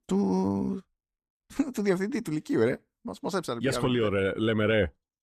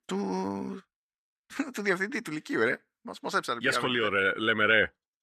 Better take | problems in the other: first | thin; somewhat; fading below 600 Hz

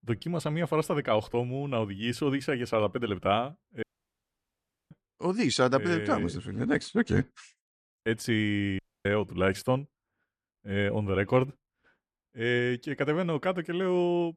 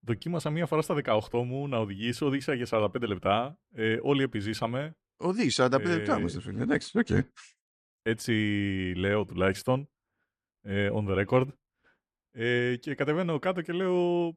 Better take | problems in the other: second | audio cutting out; at 4 s for 1 s and at 9 s

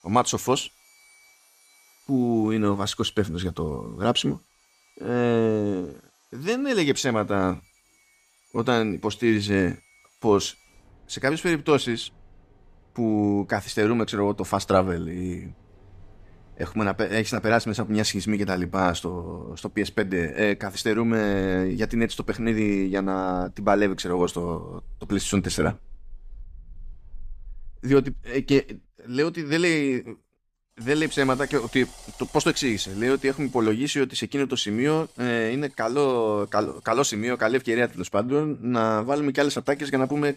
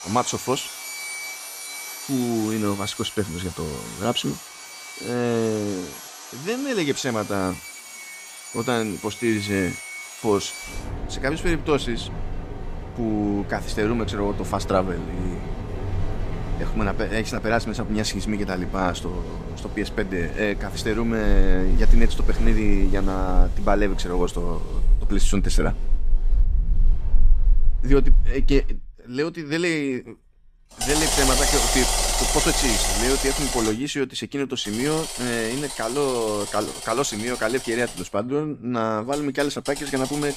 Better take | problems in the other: first | machinery noise; loud; throughout; 3 dB below the speech; faint in the first

